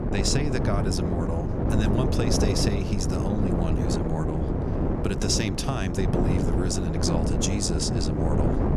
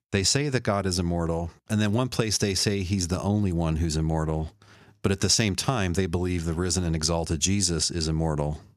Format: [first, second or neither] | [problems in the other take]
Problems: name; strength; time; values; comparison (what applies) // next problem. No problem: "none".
second | wind noise on the microphone; heavy; 1 dB below the speech